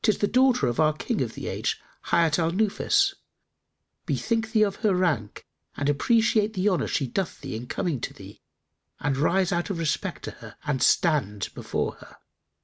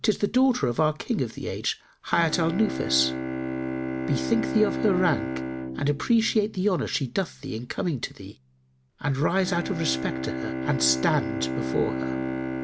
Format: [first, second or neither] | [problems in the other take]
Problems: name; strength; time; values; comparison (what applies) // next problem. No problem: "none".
first | background sound (Bowed string instrument); 5 dB below the speech